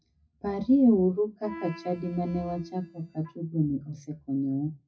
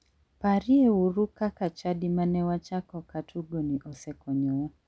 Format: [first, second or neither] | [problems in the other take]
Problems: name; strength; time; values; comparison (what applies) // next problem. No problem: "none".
second | noise reduction (classical method WPE with log-MMSE)